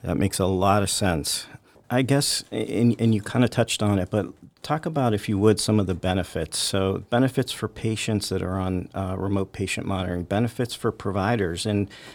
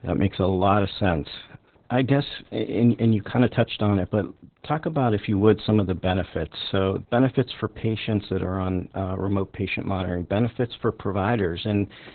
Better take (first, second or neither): first